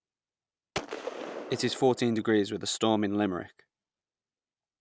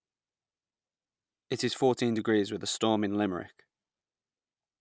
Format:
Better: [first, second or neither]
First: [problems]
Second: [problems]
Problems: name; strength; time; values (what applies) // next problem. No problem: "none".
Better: second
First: background sound (Gunshot, gunfire); 9 dB below the speech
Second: none